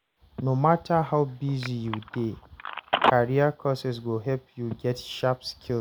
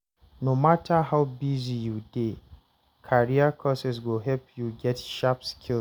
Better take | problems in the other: second | background sound (Telephone); 7 dB below the speech

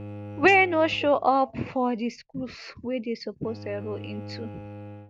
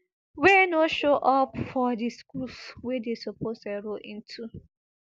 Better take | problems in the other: second | background sound (Bowed string instrument); 15 dB below the speech

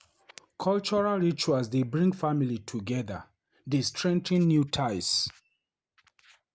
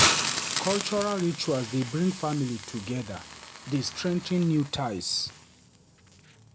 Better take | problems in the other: first | background sound (Hiss); 3 dB below the speech

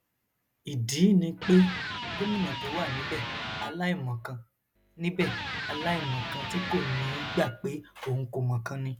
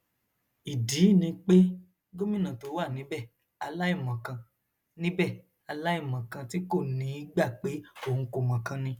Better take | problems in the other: second | background sound (Electric guitar); 7 dB below the speech

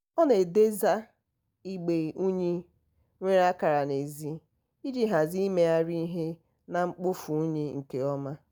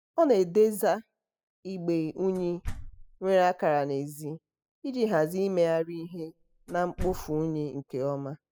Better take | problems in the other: first | noise reduction (classical method spectral subtraction)

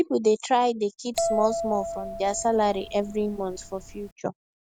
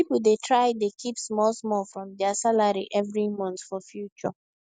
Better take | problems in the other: second | background sound (Bell); 6 dB below the speech

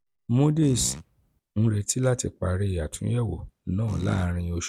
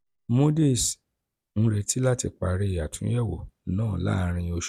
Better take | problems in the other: second | background sound (Fart); 13 dB below the speech

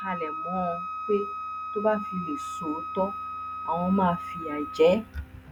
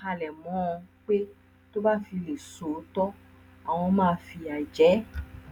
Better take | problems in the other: second | background sound (Wind instrument, woodwind instrument); 7 dB below the speech

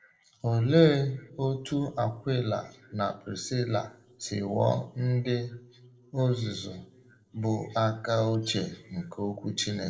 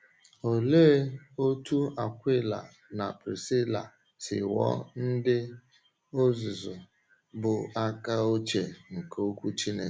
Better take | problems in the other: second | noise reduction (neural separator model SepFormer DNS4)

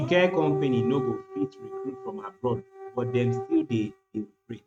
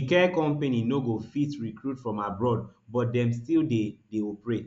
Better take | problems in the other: second | noise reduction (neural mask model RNNoise)

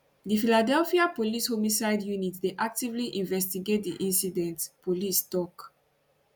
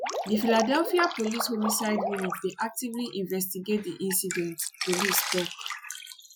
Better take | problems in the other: first | noise reduction (classical method Wiener filter)

